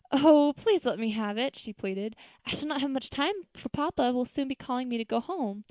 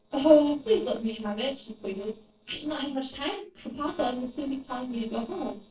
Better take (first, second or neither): first